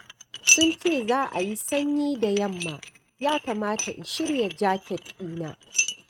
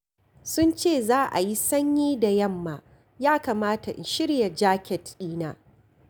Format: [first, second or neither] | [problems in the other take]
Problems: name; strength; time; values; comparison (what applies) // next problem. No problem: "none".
second | noise reduction (neural mask model RNNoise)